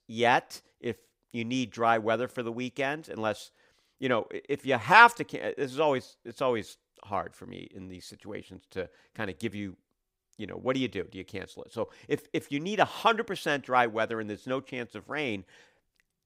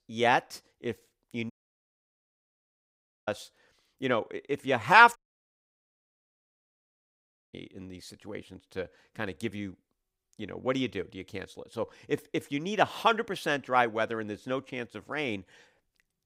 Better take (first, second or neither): first